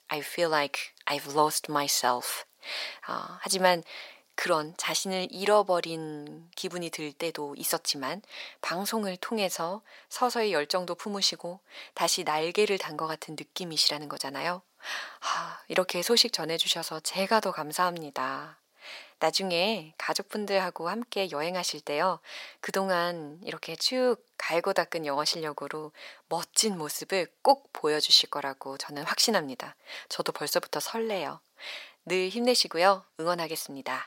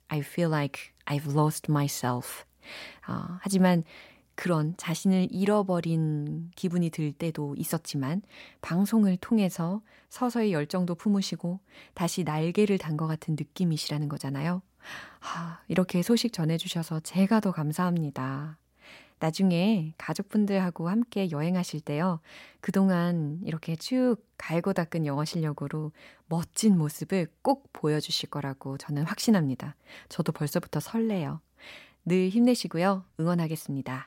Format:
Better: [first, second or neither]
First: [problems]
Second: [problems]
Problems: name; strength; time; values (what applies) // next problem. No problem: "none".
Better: second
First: thin; very; fading below 600 Hz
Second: none